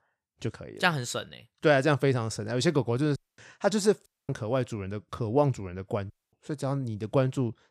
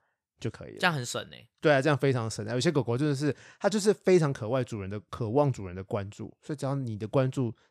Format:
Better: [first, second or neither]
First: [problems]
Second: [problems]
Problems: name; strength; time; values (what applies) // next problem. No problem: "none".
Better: second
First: audio cutting out; at 3 s, at 4 s and at 6 s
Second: none